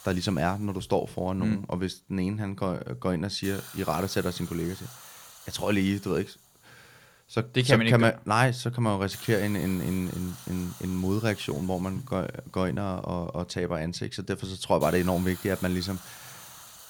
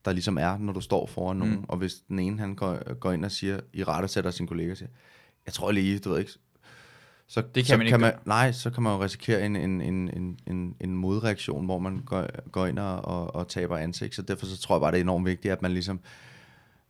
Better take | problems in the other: second | hiss; noticeable; throughout; 15 dB below the speech

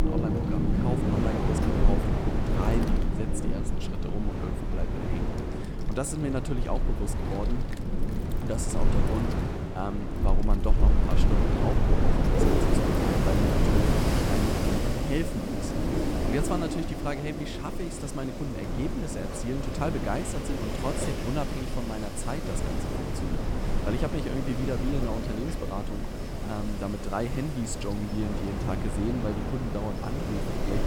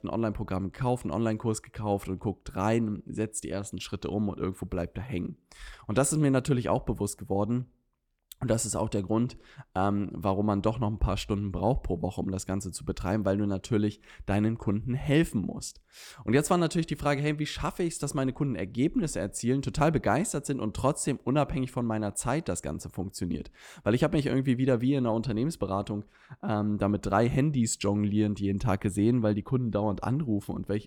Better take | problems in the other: second | wind in the background; very loud; throughout; 5 dB above the speech

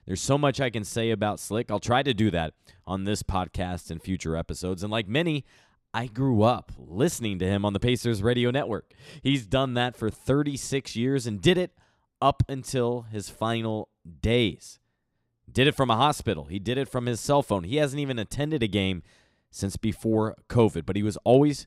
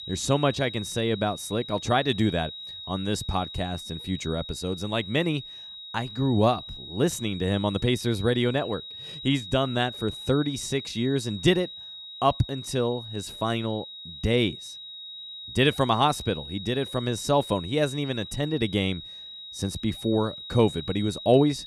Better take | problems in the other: first | high-pitched whine; noticeable; throughout; 4 kHz, 10 dB below the speech

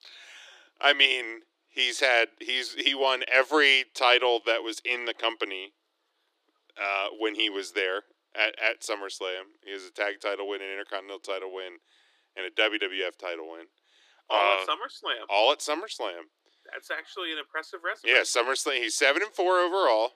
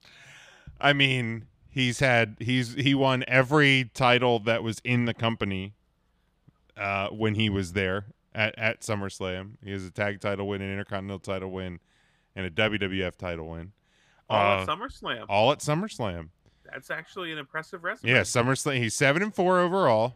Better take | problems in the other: second | thin; very; fading below 300 Hz

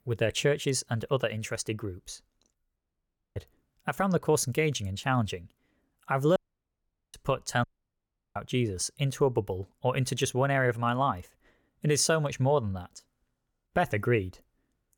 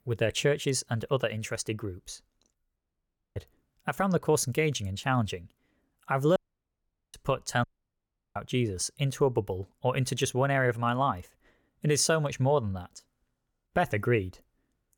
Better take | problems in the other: neither | audio cutting out; at 3 s for 0.5 s, at 6.5 s for 1 s and at 7.5 s for 0.5 s; the same in both

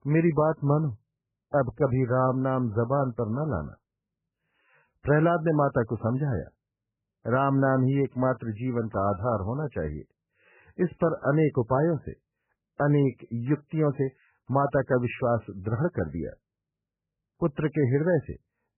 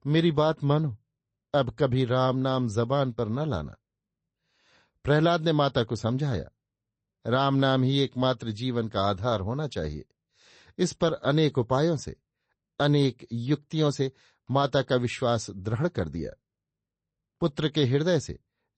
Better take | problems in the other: second | garbled, watery; badly; nothing above 3 kHz; slightly in the second

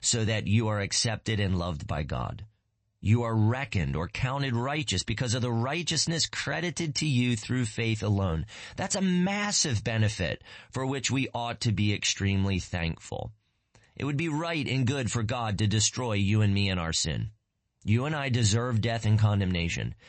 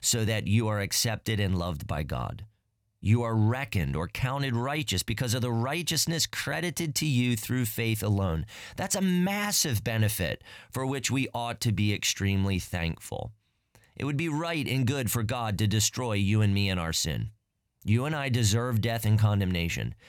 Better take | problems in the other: second | garbled, watery; slightly; nothing above 8 kHz

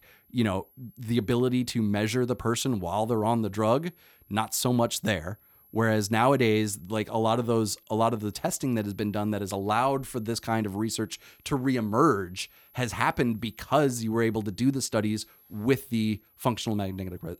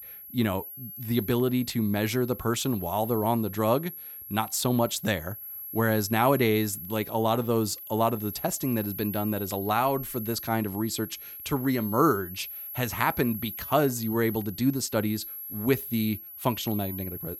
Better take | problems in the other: first | high-pitched whine; loud; throughout; 11.5 kHz, 10 dB below the speech; faint in the first

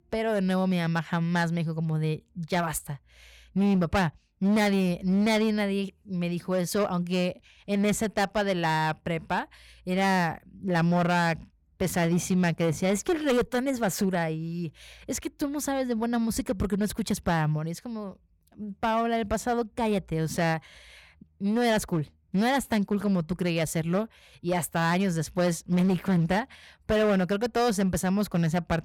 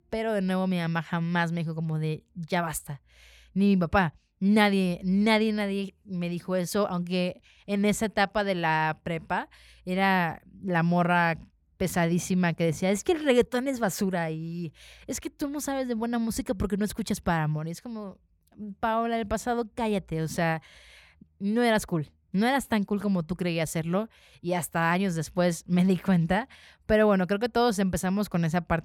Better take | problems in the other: second | distortion; slight; 9% of the sound clipped

